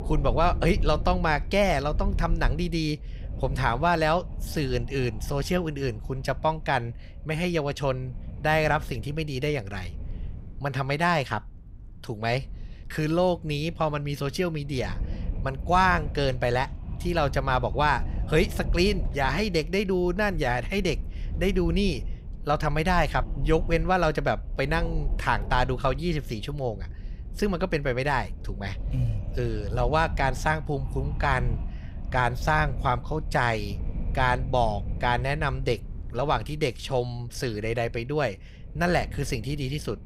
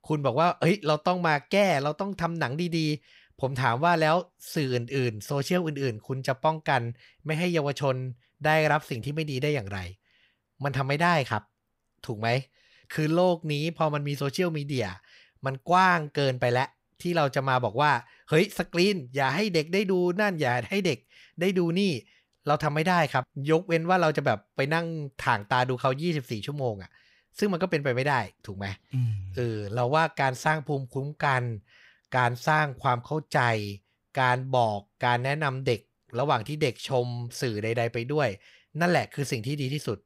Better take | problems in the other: second | wind noise on the microphone; occasional gusts; 20 dB below the speech

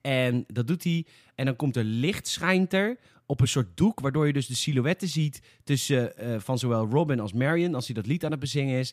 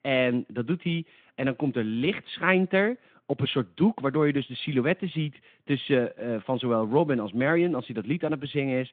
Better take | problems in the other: first | phone-call audio; nothing above 3.5 kHz

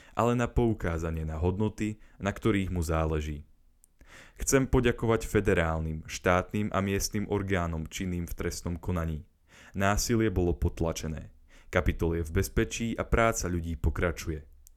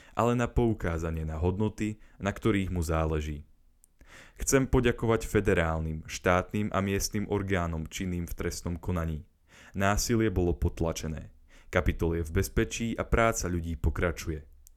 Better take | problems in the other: neither | none

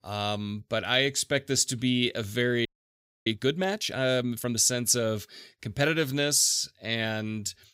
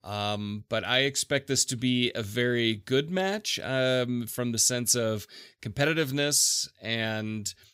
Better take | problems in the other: second | audio freezing; at 2.5 s for 0.5 s

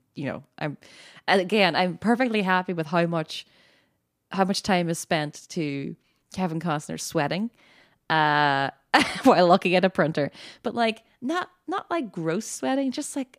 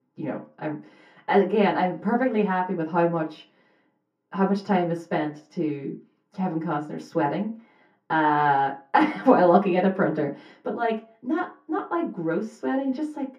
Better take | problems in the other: first | room echo; slight; dies away in 0.3 s // off-mic speech; far

